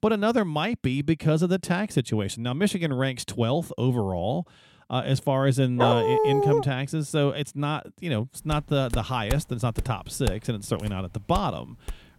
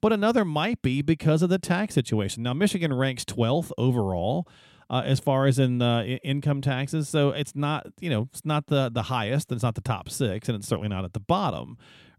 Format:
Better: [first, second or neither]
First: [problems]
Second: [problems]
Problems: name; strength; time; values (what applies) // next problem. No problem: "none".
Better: second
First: dog barking; loud; at 6 s; peak 4 dB above the speech // footsteps; noticeable; from 8.5 s on; peak 8 dB below the speech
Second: none